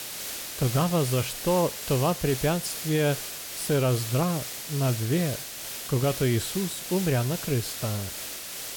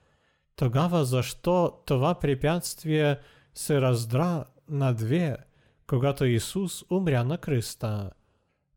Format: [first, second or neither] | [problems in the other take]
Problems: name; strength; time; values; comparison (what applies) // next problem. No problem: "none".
second | hiss; loud; throughout; 6 dB below the speech